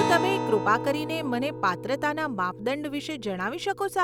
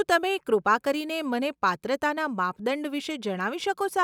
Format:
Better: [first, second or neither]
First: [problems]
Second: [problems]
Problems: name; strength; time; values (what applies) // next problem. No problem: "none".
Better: second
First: background sound (Acoustic guitar); 6 dB below the speech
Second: none